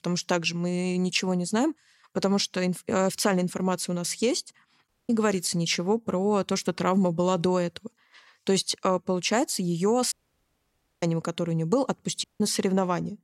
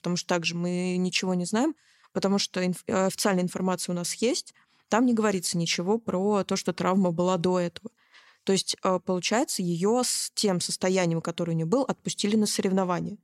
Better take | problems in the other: second | audio cutting out; at 5 s, at 10 s for 1 s and at 12 s

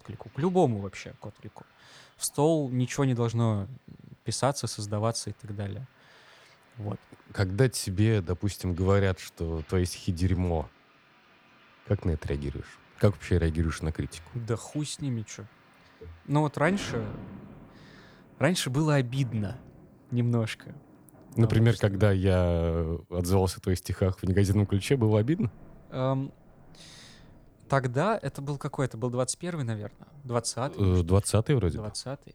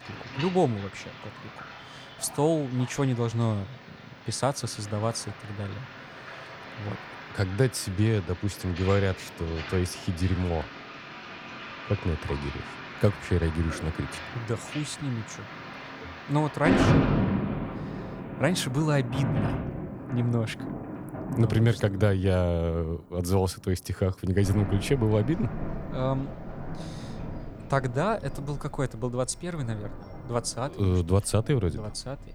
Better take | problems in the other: first | rain or running water; loud; throughout; 7 dB below the speech; faint in the first

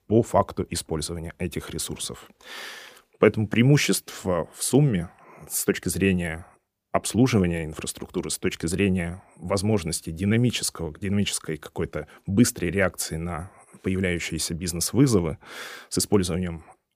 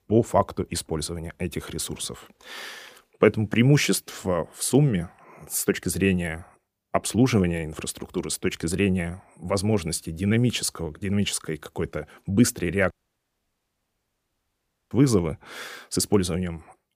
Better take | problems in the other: first | audio cutting out; at 13 s for 2 s

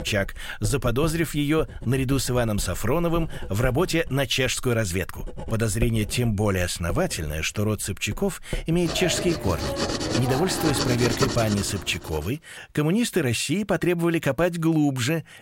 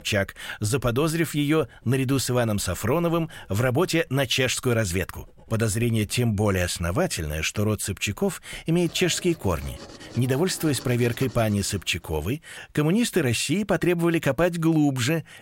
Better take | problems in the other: second | household noises; loud; until 12 s; 7 dB below the speech; faint in the second

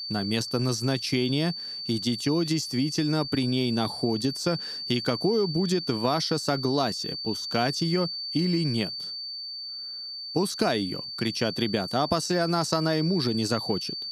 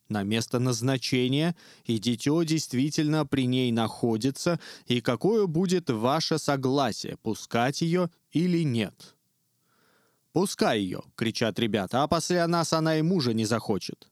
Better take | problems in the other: second | high-pitched whine; loud; throughout; 4.5 kHz, 6 dB below the speech

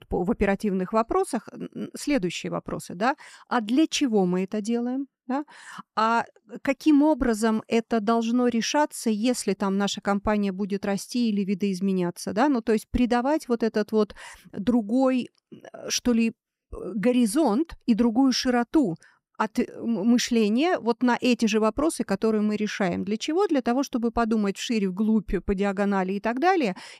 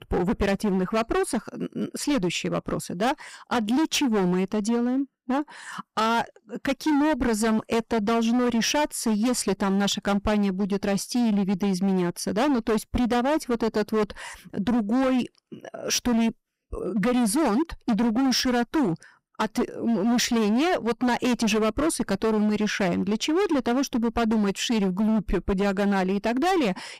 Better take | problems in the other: first | distortion; heavy; 23% of the sound clipped

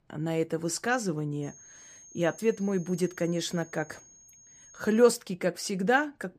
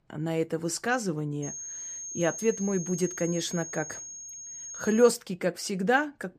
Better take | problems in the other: first | high-pitched whine; loud; from 1.5 to 5 s; 6.5 kHz, 9 dB below the speech; faint in the first

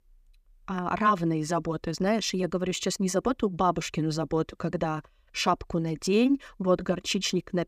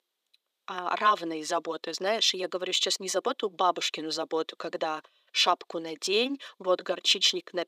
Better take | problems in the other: first | thin; somewhat; fading below 400 Hz

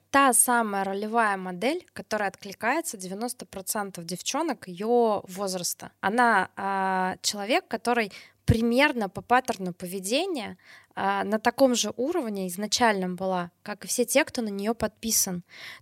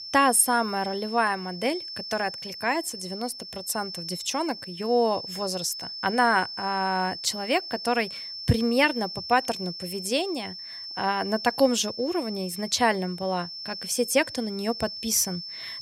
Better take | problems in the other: first | high-pitched whine; loud; throughout; 5.5 kHz, 9 dB below the speech

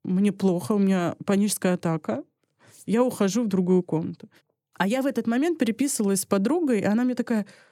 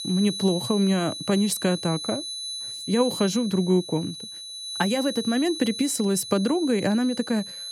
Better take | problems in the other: first | high-pitched whine; loud; throughout; 4 kHz, 8 dB below the speech

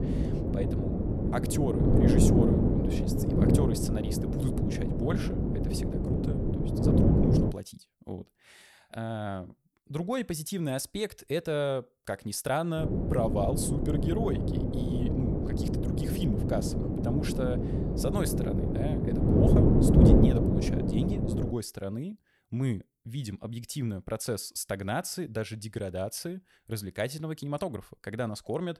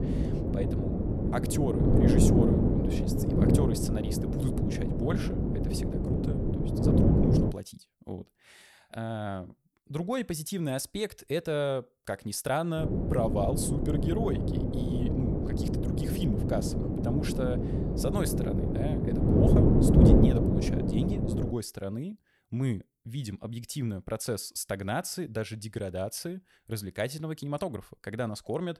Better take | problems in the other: neither | wind noise on the microphone; heavy; until 7.5 s and from 13 to 22 s; 3 dB above the speech; the same in both

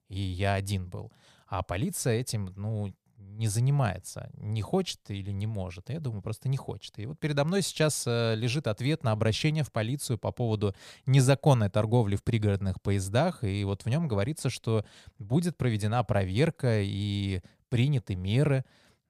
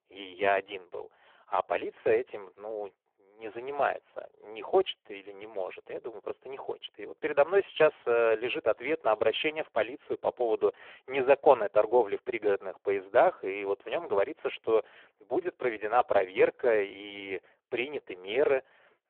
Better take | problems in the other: first | phone-call audio; poor line

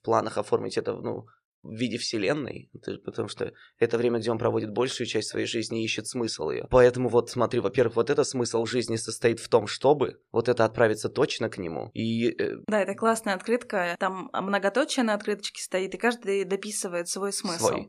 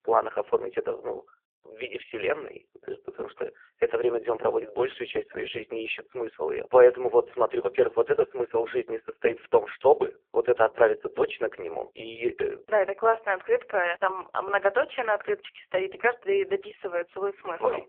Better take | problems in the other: first | phone-call audio; poor line

